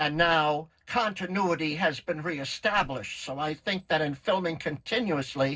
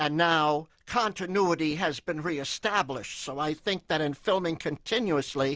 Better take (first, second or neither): second